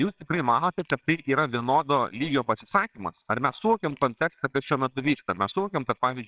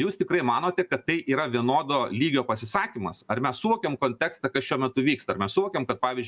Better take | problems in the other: second | noise reduction (neural separator model SepFormer WHAMR!)

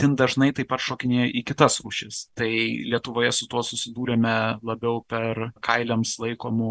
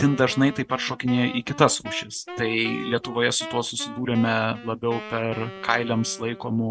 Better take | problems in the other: first | background sound (Wind instrument, woodwind instrument); 14 dB below the speech

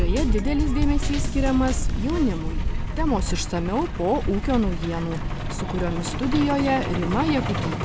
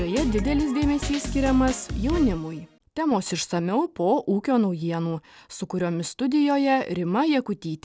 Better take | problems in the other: second | background sound (Truck); as loud as the speech

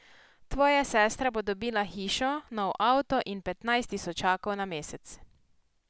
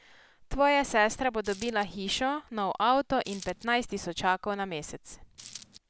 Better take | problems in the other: first | background sound (Coin (dropping)); 16 dB below the speech

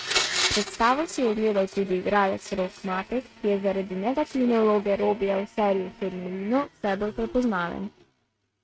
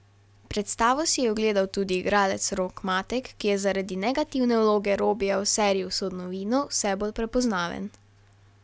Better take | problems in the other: second | noise reduction (neural mask model RNNoise)

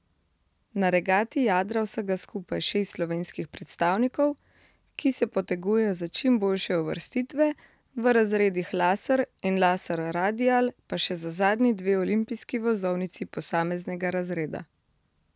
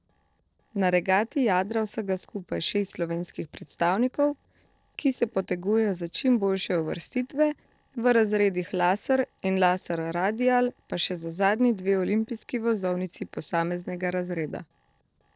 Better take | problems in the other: first | noise reduction (neural separator model SepFormer DNS4)

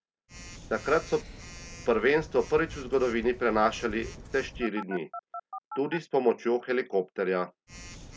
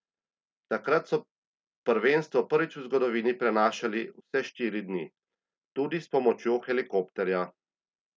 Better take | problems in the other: second | background sound (Telephone); 15 dB below the speech

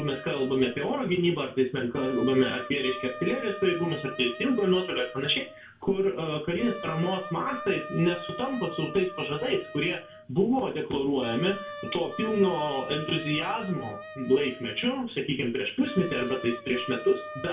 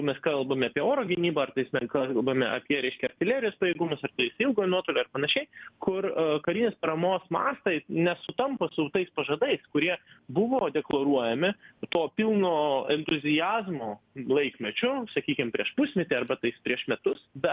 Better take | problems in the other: second | background sound (Wind instrument, woodwind instrument); 13 dB below the speech // room echo; dies away in 0.3 s

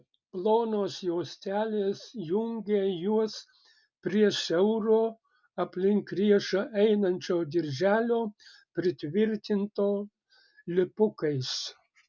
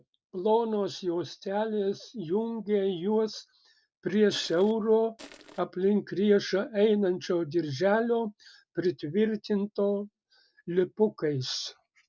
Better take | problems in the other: first | noise reduction (neural separator model SepFormer DNS4)

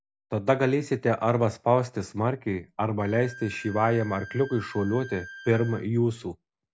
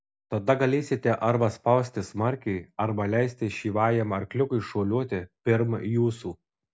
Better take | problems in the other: second | background sound (Bowed string instrument); 18 dB below the speech

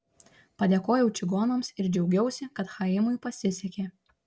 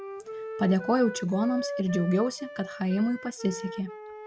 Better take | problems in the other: first | background sound (Wind instrument, woodwind instrument); 10 dB below the speech

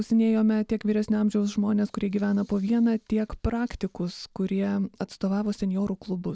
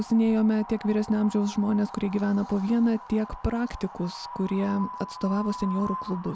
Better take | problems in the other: first | background sound (Wind); 14 dB below the speech

